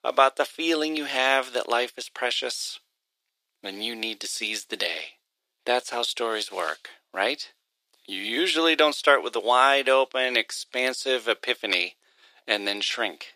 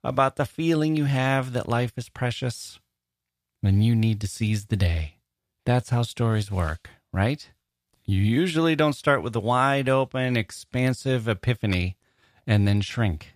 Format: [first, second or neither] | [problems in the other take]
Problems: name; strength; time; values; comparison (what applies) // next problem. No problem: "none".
second | thin; very; fading below 350 Hz